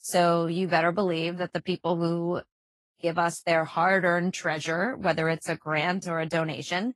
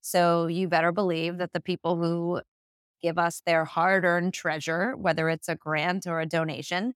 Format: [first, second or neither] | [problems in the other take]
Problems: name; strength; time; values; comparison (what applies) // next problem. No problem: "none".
second | garbled, watery; slightly; nothing above 11.5 kHz